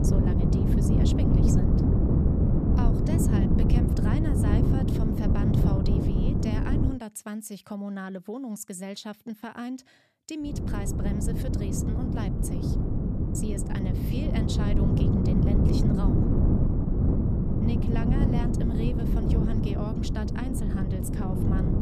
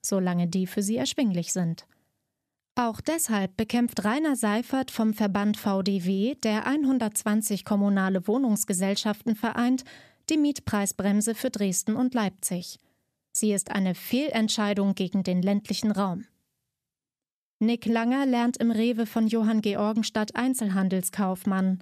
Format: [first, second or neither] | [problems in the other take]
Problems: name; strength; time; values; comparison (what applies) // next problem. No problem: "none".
second | wind noise on the microphone; heavy; until 7 s and from 10 s on; 5 dB above the speech